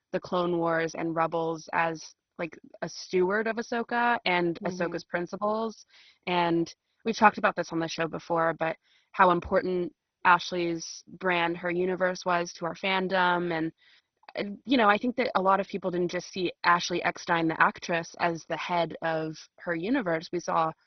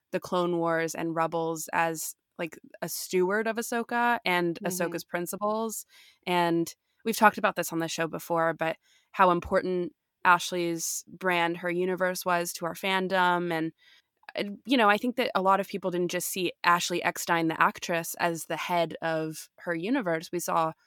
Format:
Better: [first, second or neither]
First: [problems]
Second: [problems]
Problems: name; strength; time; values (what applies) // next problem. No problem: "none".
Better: second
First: garbled, watery; badly; nothing above 6 kHz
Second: none